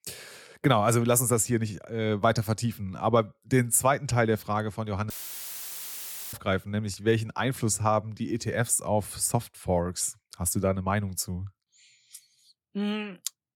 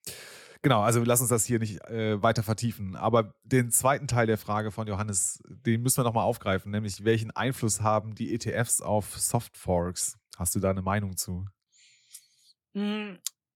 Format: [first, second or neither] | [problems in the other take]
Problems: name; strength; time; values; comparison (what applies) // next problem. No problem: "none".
second | audio cutting out; filled with static; at 5 s for 1 s